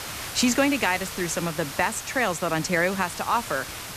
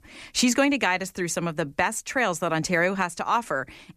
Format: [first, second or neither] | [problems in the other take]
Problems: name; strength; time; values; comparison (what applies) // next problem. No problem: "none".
second | hiss; loud; throughout; 9 dB below the speech